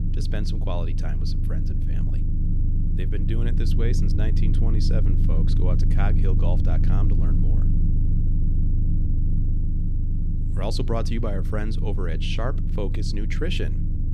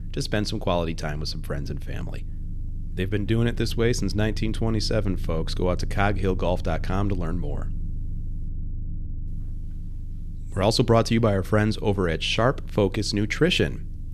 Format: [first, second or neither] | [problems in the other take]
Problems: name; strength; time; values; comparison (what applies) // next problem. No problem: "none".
second | low rumble; loud; throughout; 4 dB below the speech; faint in the second